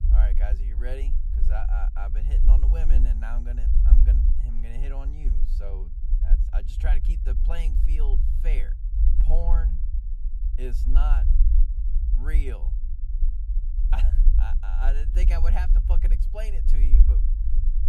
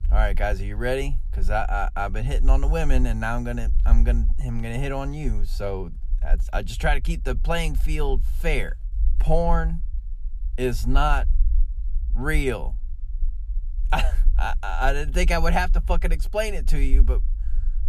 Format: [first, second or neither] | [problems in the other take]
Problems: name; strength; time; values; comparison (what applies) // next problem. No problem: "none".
second | low rumble; loud; throughout; 6 dB below the speech; faint in the second